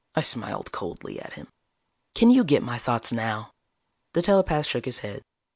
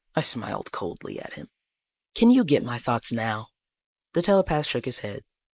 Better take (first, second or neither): first